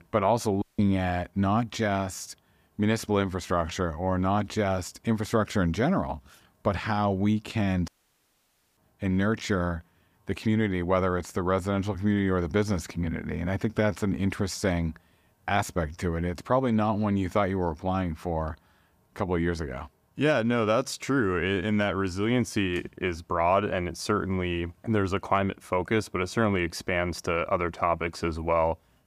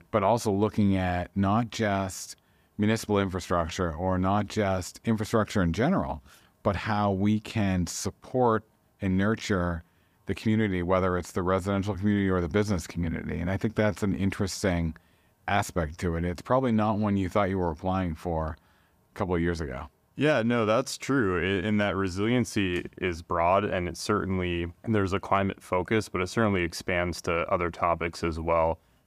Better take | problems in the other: second | audio cutting out; at 0.5 s and at 8 s for 1 s

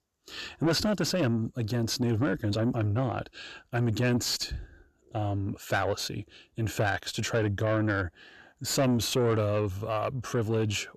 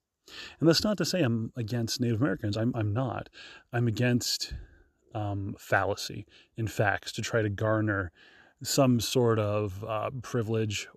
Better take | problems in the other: second | distortion; slight; 10 dB below the speech

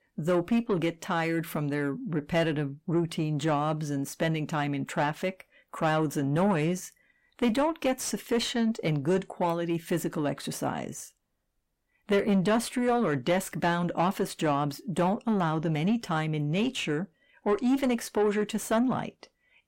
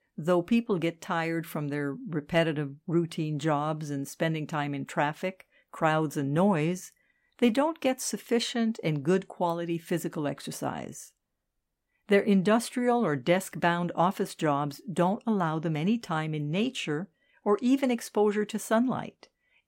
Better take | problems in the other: second | distortion; slight; 10 dB below the speech

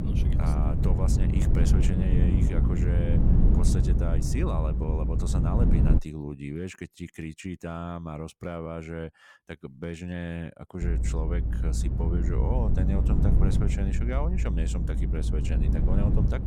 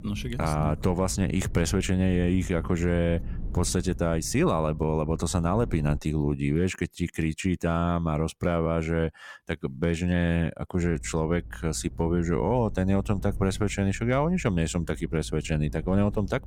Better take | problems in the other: second | low rumble; loud; until 6 s and from 11 s on; 1 dB below the speech; faint in the second

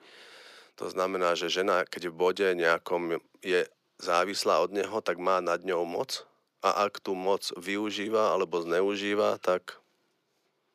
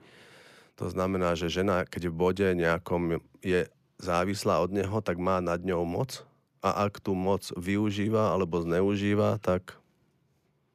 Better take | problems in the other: second | thin; somewhat; fading below 400 Hz

